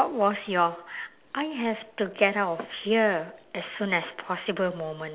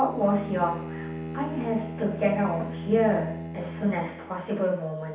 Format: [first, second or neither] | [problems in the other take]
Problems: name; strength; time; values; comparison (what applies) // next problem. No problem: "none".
first | background sound (Bowed string instrument); 8 dB below the speech // room echo; dies away in 0.7 s